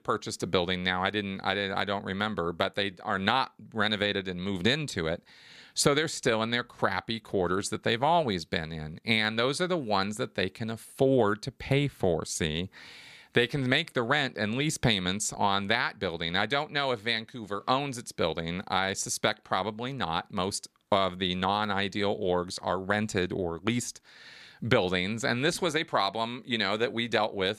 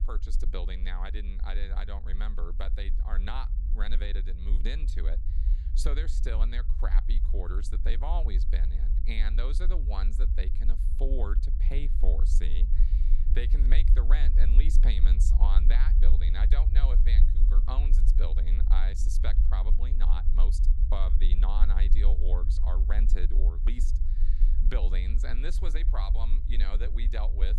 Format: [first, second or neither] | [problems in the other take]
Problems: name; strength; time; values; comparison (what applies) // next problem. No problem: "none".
first | low rumble; loud; throughout; 8 dB below the speech